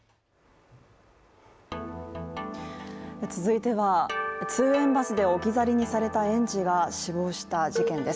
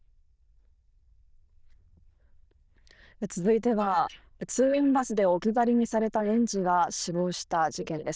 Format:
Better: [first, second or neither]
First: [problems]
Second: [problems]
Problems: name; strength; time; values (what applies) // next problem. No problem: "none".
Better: first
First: none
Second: noise reduction (neural diffusion model UNIVERSE++)